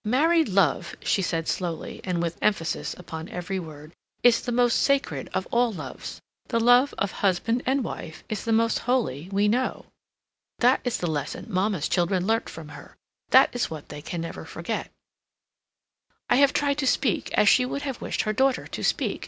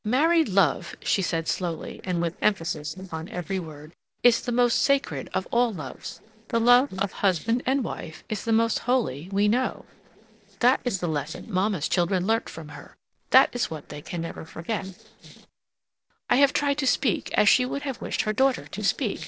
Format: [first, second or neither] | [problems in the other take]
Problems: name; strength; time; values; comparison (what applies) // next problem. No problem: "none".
first | noise reduction (neural separator model SepFormer DNS4)